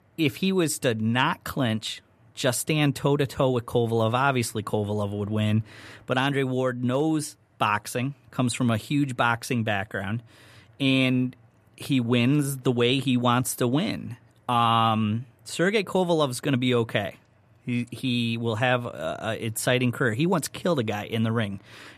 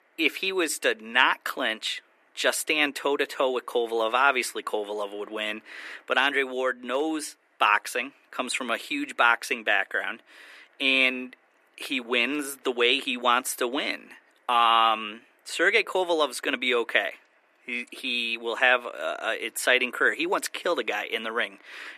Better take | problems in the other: first | thin; very; fading below 300 Hz

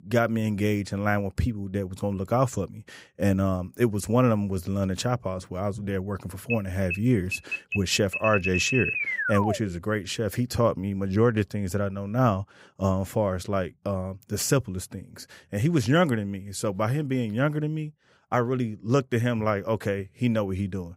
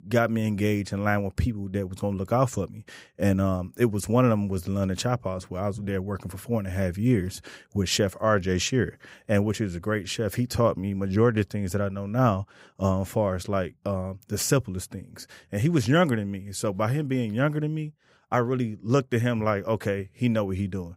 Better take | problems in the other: second | alarm; loud; from 6.5 to 9.5 s; peak 1 dB above the speech

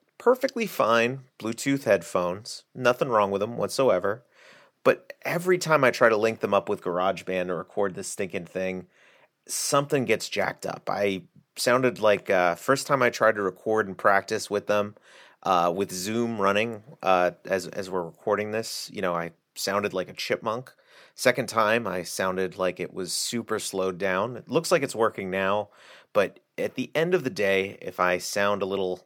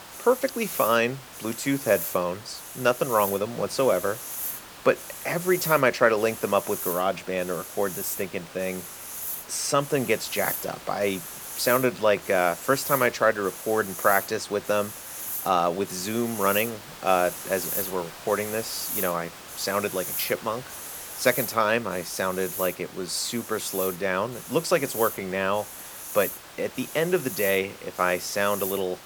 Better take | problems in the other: first | hiss; loud; throughout; 8 dB below the speech

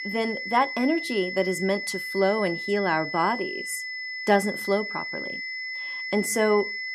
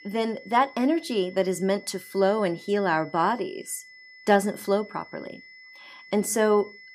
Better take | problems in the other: second | high-pitched whine; loud; throughout; 2 kHz, 5 dB below the speech; faint in the second

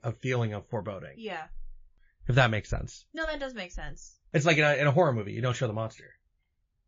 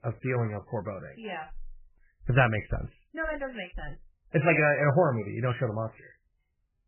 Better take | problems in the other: first | garbled, watery; badly; nothing above 2.5 kHz; slightly in the first

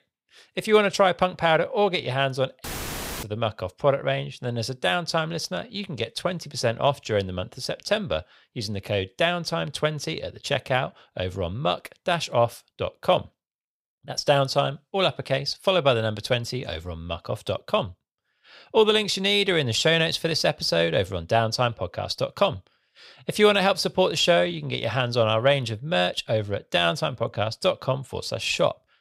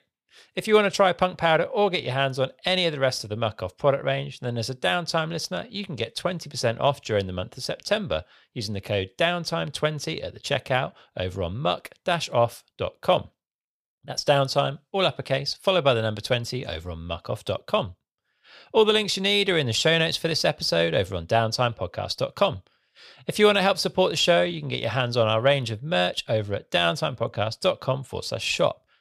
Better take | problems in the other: second | audio cutting out; filled with static; at 2.5 s for 0.5 s

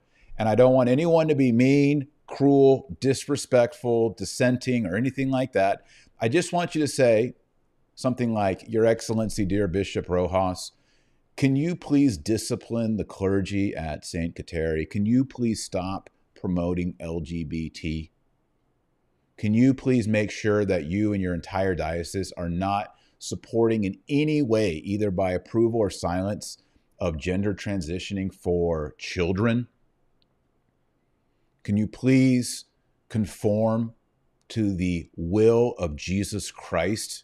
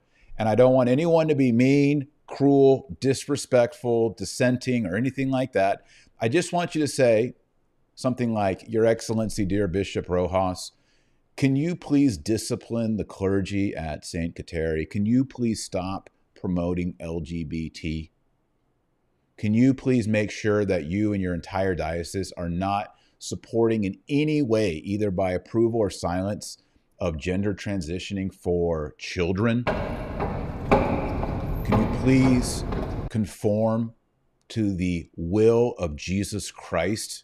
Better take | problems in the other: first | footsteps; loud; from 30 to 33 s; peak 3 dB above the speech

